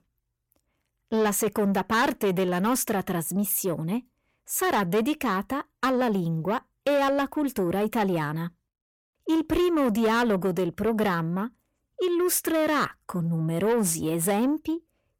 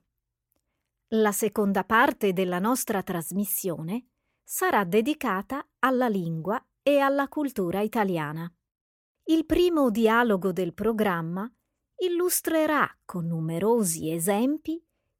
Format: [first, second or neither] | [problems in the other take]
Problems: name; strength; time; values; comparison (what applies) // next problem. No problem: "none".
second | distortion; slight; 10 dB below the speech